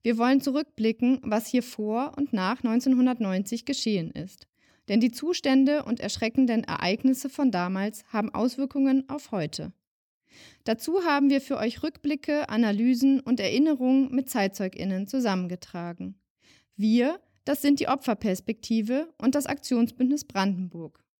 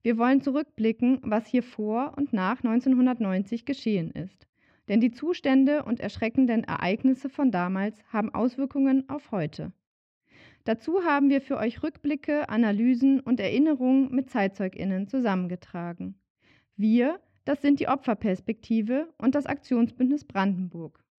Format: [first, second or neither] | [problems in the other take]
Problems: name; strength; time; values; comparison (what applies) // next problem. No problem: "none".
first | muffled; slightly; fading above 2 kHz